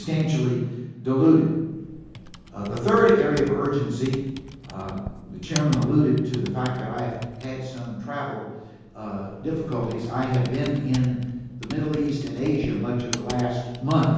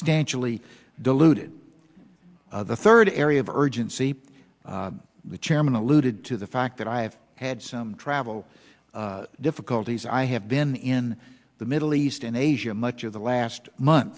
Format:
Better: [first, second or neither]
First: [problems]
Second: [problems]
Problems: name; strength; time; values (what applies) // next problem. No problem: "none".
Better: second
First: background sound (Computer keyboard); 17 dB below the speech // room echo; dies away in 1.3 s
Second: none